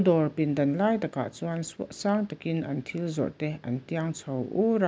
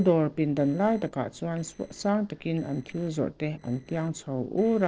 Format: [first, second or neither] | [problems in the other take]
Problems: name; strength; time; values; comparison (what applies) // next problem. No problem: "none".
first | noise reduction (neural separator model SepFormer DNS4)